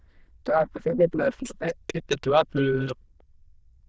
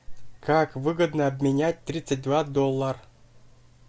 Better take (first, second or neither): second